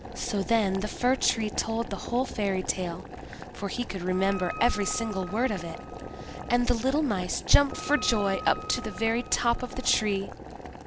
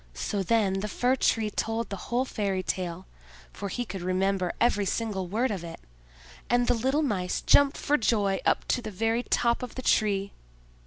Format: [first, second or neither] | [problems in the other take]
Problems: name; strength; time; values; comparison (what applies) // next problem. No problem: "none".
second | background sound (Wind instrument, woodwind instrument + Boiling); 11 dB below the speech